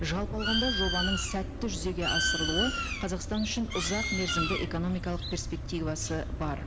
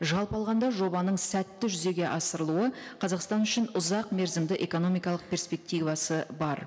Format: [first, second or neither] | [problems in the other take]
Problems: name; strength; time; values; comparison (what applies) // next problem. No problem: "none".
second | background sound (Bird); as loud as the speech